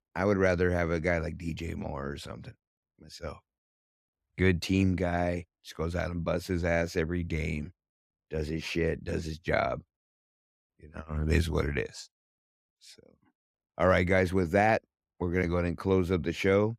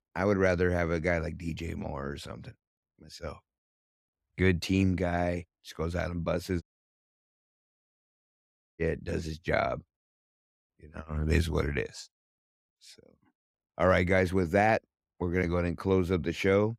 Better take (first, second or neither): first